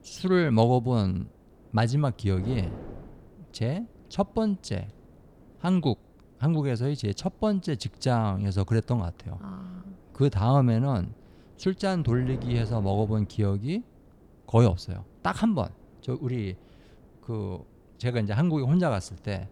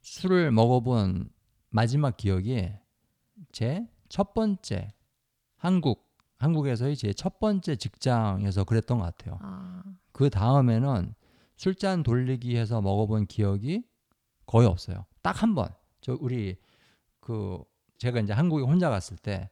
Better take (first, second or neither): second